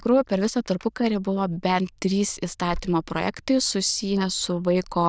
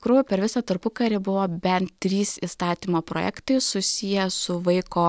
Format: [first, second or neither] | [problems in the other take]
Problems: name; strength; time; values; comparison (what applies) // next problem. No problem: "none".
second | noise reduction (neural diffusion model UNIVERSE++)